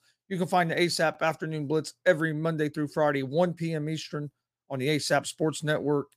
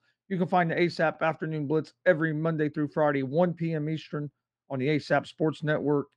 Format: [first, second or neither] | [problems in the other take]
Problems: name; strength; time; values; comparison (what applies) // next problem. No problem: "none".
first | muffled; slightly; fading above 2.5 kHz